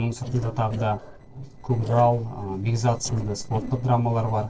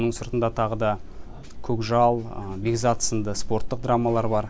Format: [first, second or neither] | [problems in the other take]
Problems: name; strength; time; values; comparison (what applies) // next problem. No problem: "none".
second | noise reduction (neural separator model SepFormer DNS4)